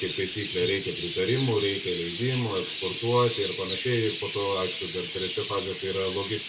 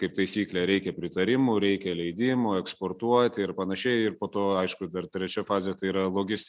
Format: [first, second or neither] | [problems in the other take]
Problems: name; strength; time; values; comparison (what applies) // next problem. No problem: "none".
second | background sound (Chirp, tweet); 7 dB below the speech // room echo; dies away in 0.2 s